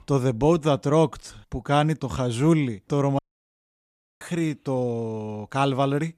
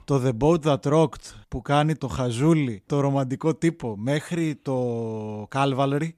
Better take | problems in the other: second | audio cutting out; at 3 s for 1 s

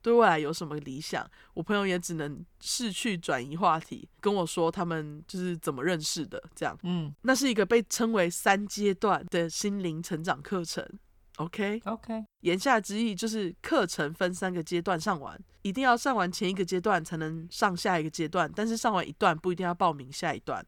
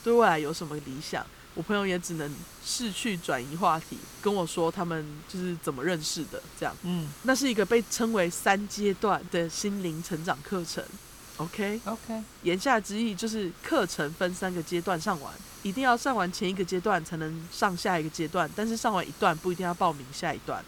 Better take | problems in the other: first | hiss; noticeable; throughout; 15 dB below the speech

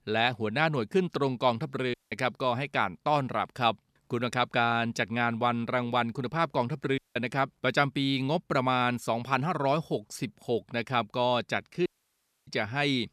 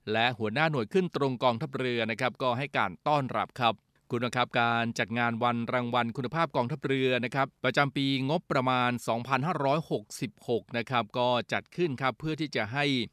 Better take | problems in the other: second | audio cutting out; at 2 s, at 7 s and at 12 s for 0.5 s

